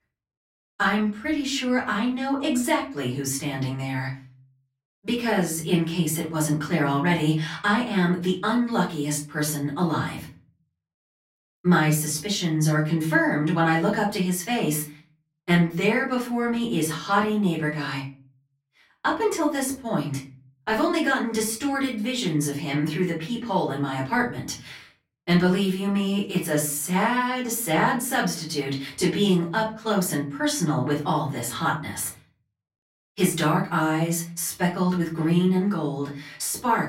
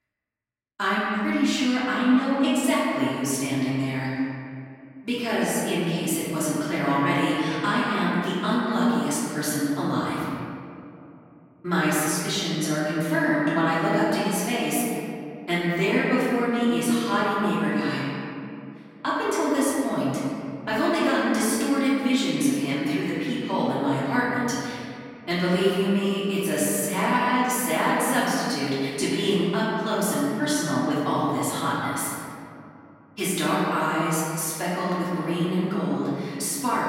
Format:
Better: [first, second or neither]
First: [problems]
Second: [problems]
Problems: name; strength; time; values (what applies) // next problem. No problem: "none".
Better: first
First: room echo; slight; dies away in 0.5 s // off-mic speech; far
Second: room echo; strong; dies away in 2.3 s // off-mic speech; far